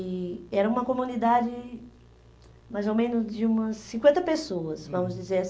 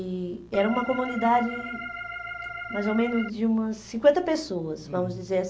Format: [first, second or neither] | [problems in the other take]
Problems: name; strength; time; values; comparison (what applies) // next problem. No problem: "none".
first | background sound (Organ); 9 dB below the speech